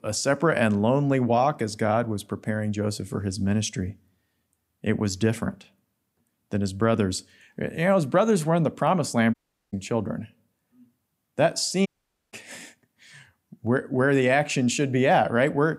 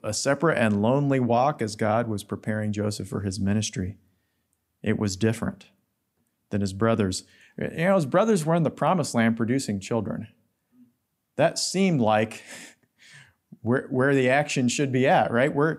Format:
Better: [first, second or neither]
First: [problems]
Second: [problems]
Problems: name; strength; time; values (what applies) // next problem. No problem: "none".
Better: second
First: audio cutting out; at 9.5 s and at 12 s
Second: none